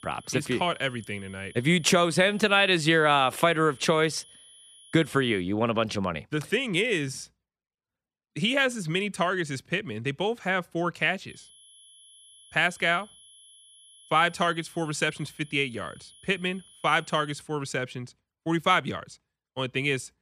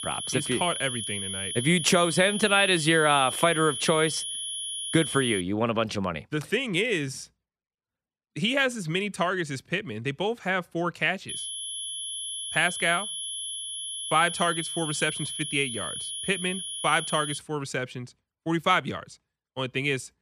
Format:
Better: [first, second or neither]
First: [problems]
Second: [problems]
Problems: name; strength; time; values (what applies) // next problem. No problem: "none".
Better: first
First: high-pitched whine; faint; until 5.5 s and from 11 to 17 s; 10.5 kHz, 25 dB below the speech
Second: high-pitched whine; loud; until 5.5 s and from 11 to 17 s; 10.5 kHz, 5 dB below the speech